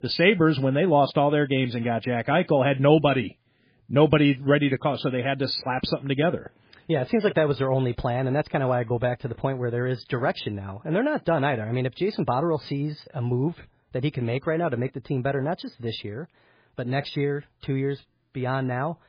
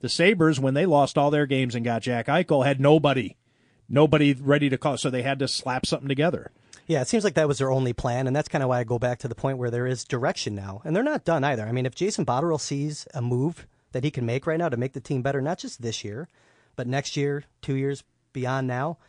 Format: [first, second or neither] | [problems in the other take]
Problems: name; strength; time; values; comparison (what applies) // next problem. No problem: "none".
second | garbled, watery; badly; nothing above 4.5 kHz; slightly in the second